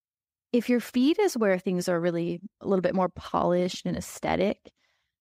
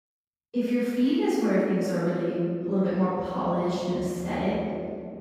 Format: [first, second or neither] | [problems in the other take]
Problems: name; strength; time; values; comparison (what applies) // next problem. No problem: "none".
first | off-mic speech; far // room echo; strong; dies away in 2.4 s